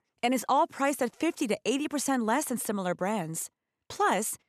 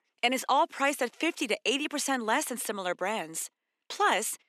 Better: first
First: none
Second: thin; very slightly; fading below 250 Hz

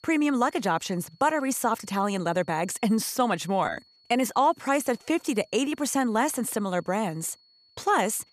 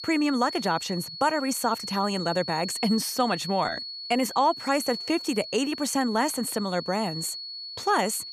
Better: first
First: high-pitched whine; faint; throughout; 4.5 kHz, 30 dB below the speech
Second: high-pitched whine; loud; throughout; 4.5 kHz, 8 dB below the speech

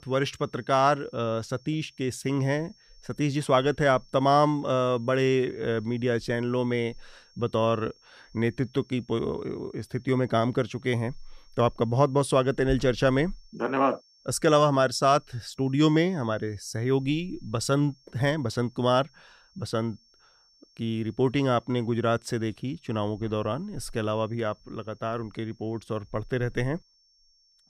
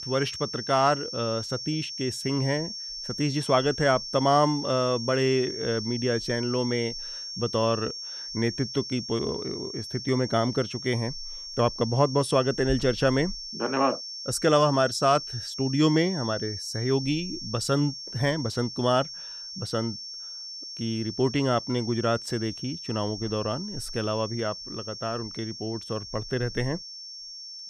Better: first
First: high-pitched whine; faint; throughout; 5.5 kHz, 30 dB below the speech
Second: high-pitched whine; loud; throughout; 5.5 kHz, 8 dB below the speech

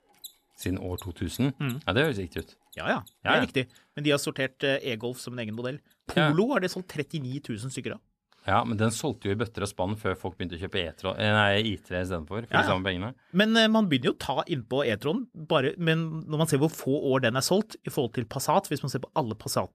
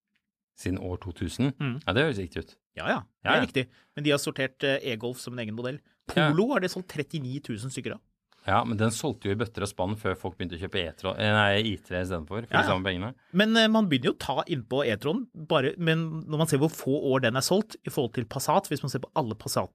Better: second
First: machinery noise; faint; throughout; 20 dB below the speech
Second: none

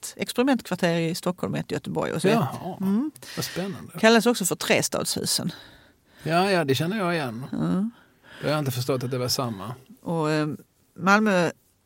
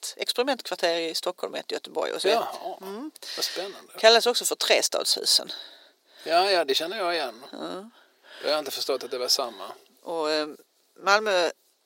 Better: first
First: none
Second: thin; very; fading below 350 Hz

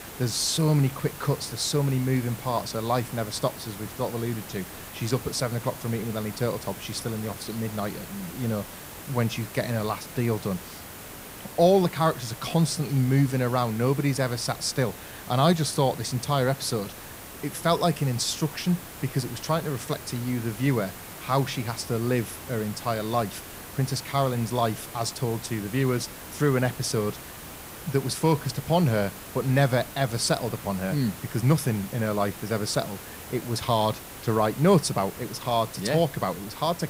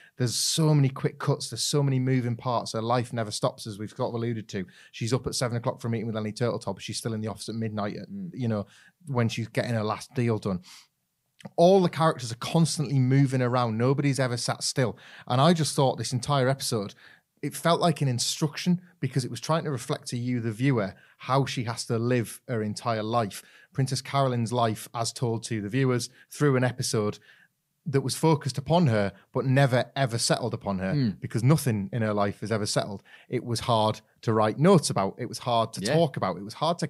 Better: second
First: hiss; noticeable; throughout; 15 dB below the speech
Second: none

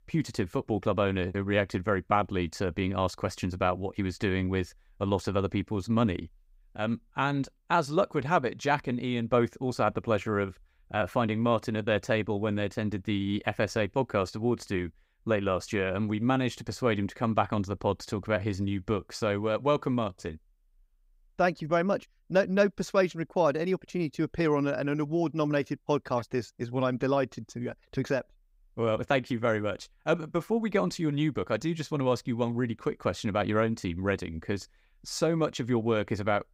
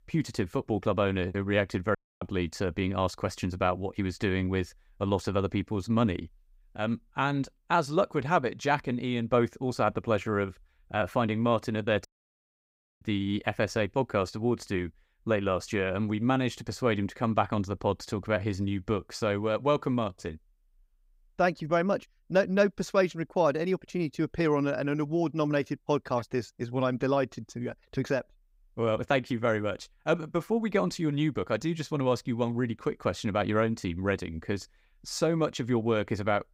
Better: first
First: none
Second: audio cutting out; at 2 s and at 12 s for 1 s

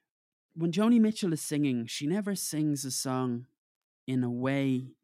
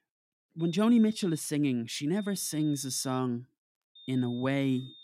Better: first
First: none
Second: high-pitched whine; faint; at 0.5 s, from 2 to 3 s and from 4 s on; 3.5 kHz, 20 dB below the speech

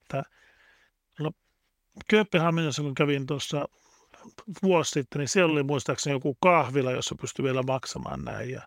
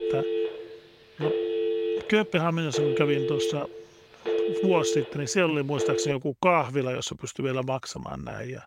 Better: first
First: none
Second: phone ringing; loud; until 6 s; peak 1 dB above the speech

